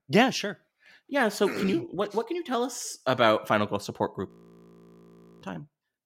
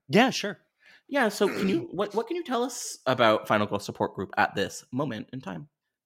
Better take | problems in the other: second | audio freezing; at 4.5 s for 1 s

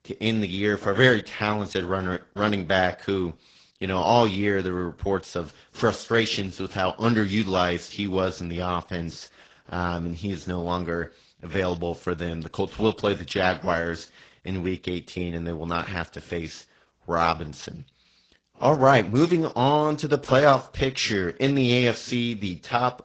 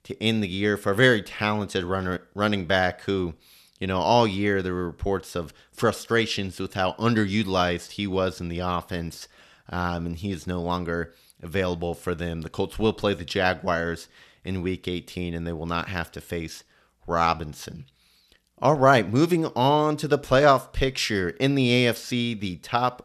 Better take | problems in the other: second | garbled, watery; badly; nothing above 7 kHz

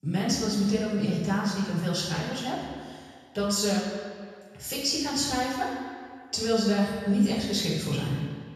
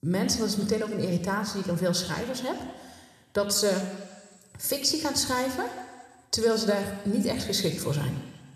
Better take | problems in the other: second | room echo; strong; dies away in 1.8 s; slight in the second // off-mic speech; far

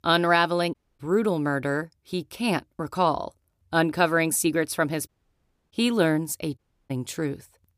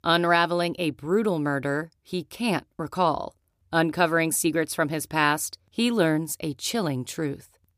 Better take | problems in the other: second | audio cutting out; at 0.5 s, at 5 s for 0.5 s and at 6.5 s

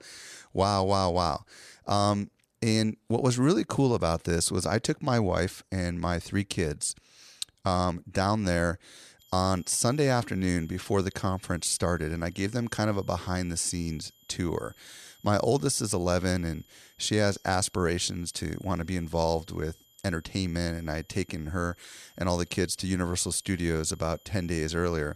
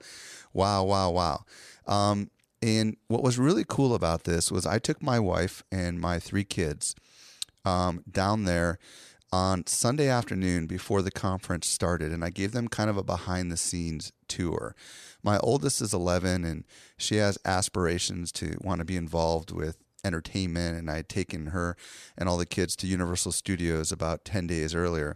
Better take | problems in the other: second | high-pitched whine; faint; from 9 s on; 3 kHz, 30 dB below the speech

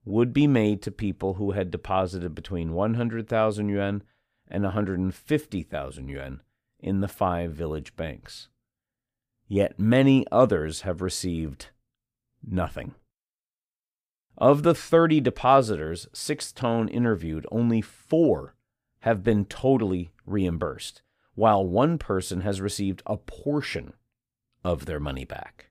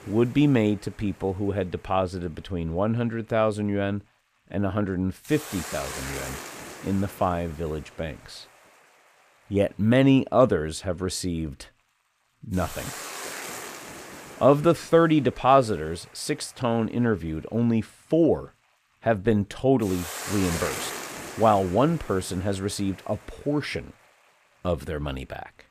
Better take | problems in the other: first | hiss; noticeable; throughout; 10 dB below the speech

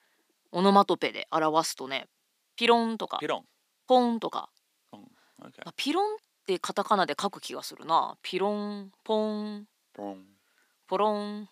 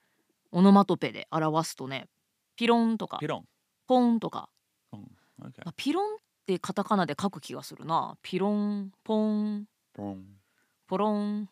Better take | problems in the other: second | thin; somewhat; fading below 350 Hz

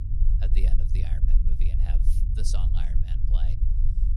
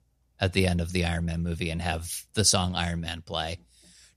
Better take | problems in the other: second | low rumble; loud; throughout; 1 dB below the speech

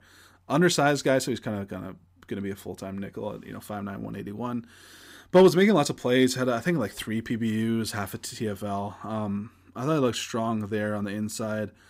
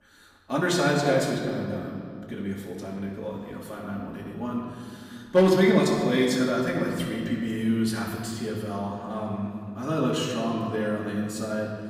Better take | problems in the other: first | room echo; noticeable; dies away in 1.9 s // off-mic speech; far

